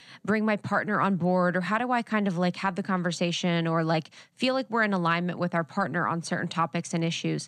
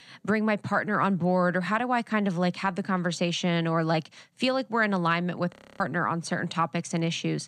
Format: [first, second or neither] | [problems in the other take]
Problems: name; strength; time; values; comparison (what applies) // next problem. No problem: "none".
first | audio freezing; at 5.5 s